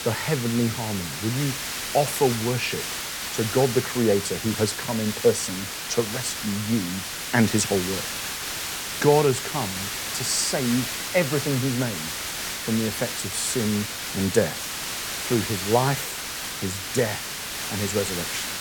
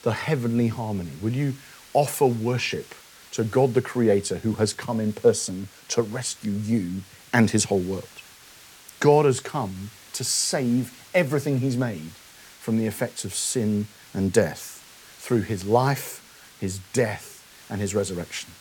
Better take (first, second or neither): second